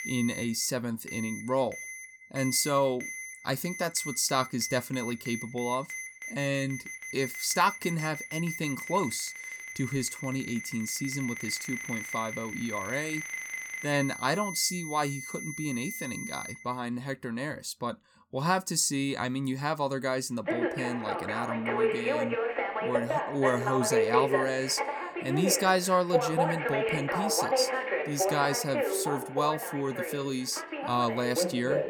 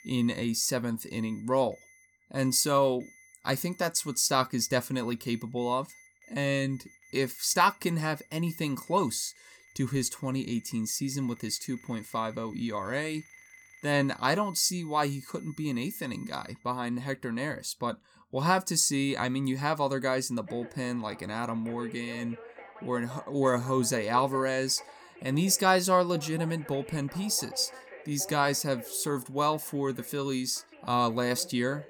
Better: second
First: alarms or sirens; loud; throughout; 3 dB below the speech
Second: alarms or sirens; faint; throughout; 20 dB below the speech

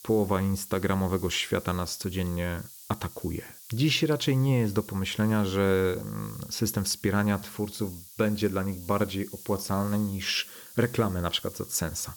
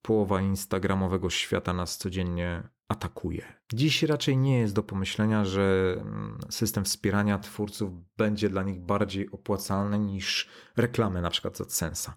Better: second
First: hiss; noticeable; throughout; 15 dB below the speech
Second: none

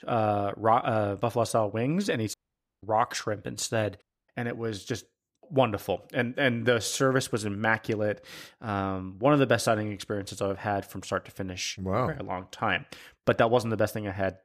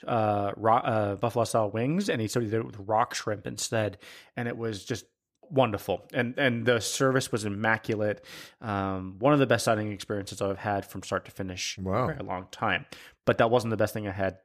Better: second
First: audio cutting out; at 2.5 s and at 4 s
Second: none

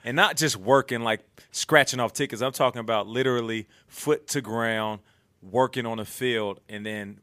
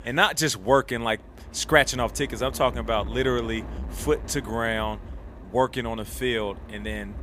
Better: first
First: none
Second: wind noise on the microphone; occasional gusts; 20 dB below the speech

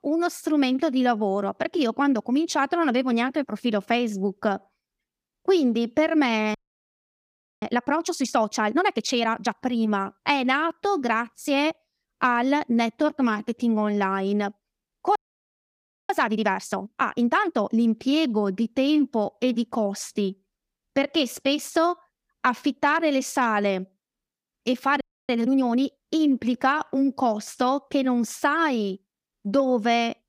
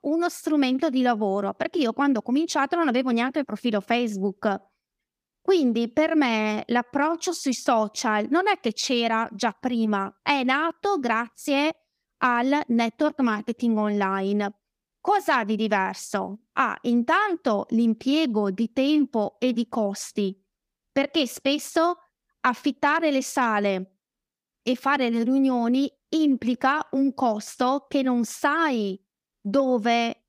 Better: second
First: audio freezing; at 6.5 s for 1 s, at 15 s for 1 s and at 25 s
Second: none

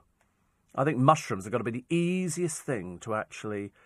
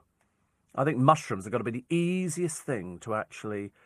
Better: first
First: none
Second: garbled, watery; slightly

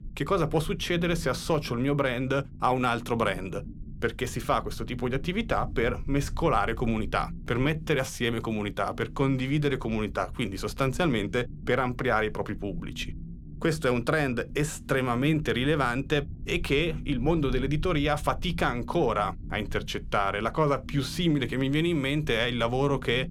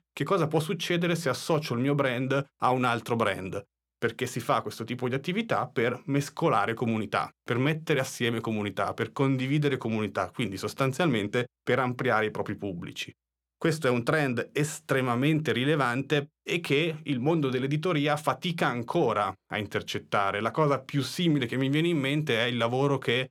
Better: second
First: low rumble; faint; throughout; 25 dB below the speech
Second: none

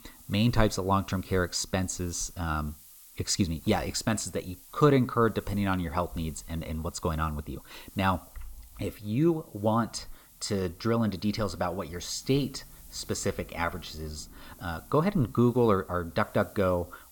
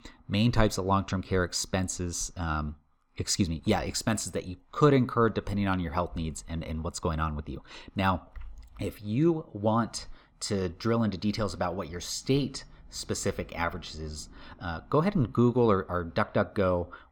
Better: second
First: hiss; faint; throughout; 20 dB below the speech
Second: none

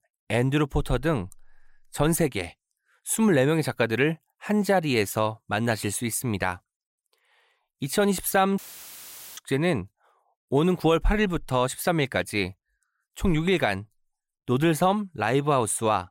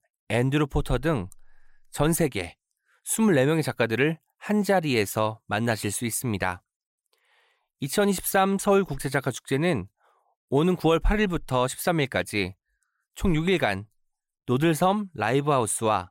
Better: second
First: audio cutting out; filled with static; at 8.5 s for 1 s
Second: none

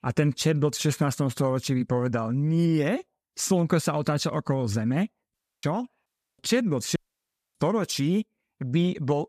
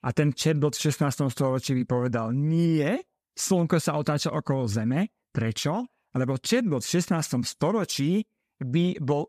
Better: second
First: audio cutting out; at 5.5 s, at 6 s and at 7 s for 0.5 s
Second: none

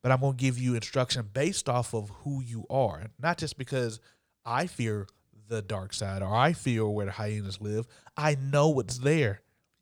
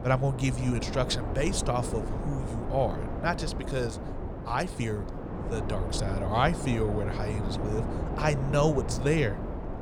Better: first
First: none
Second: wind noise on the microphone; heavy; 7 dB below the speech

